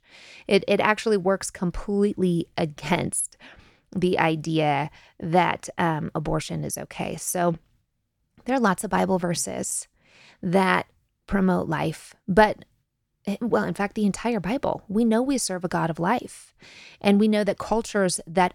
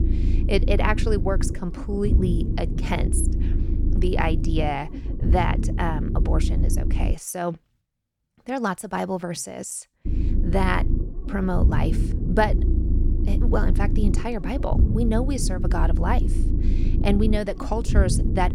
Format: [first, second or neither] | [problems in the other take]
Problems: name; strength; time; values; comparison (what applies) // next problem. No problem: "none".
first | low rumble; loud; until 7 s and from 10 s on; 9 dB below the speech